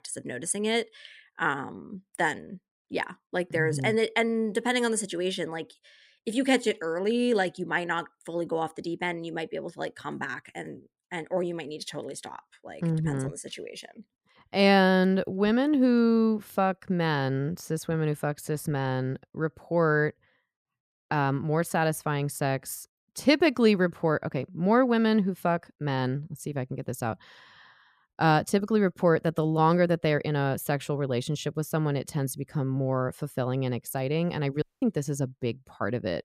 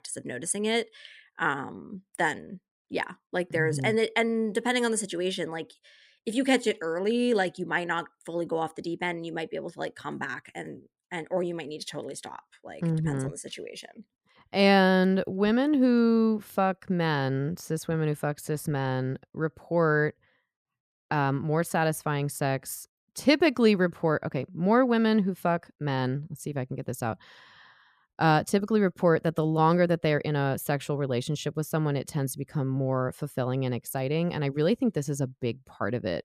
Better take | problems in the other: second | audio cutting out; at 35 s

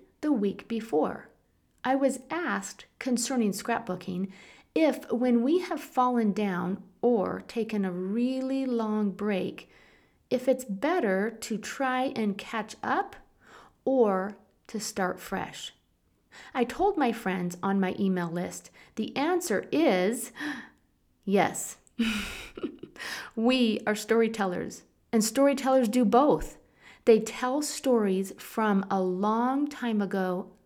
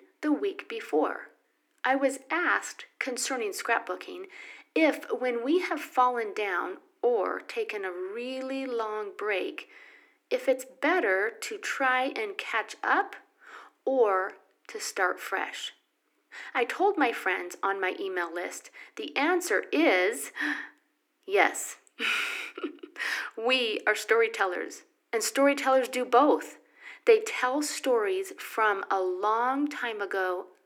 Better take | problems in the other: first | thin; somewhat; fading below 300 Hz

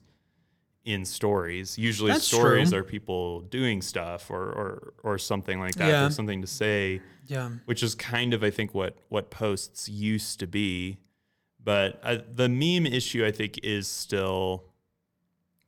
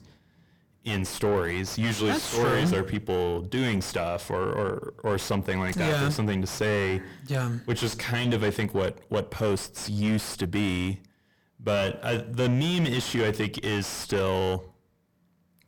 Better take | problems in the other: first | distortion; heavy; 5 dB below the speech

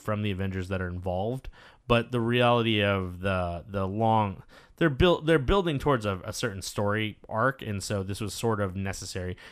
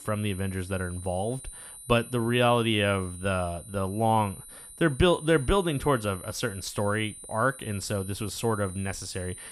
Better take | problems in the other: first | high-pitched whine; noticeable; throughout; 9.5 kHz, 15 dB below the speech

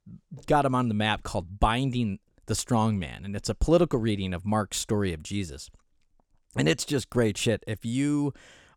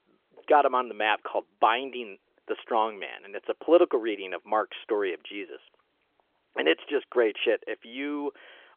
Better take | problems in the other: first | phone-call audio; nothing above 3.5 kHz

